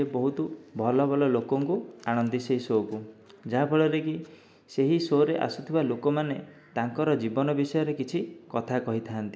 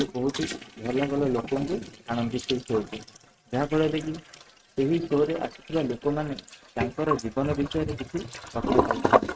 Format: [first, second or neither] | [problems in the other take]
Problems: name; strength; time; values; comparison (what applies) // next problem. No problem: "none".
first | noise reduction (neural mask model RNNoise)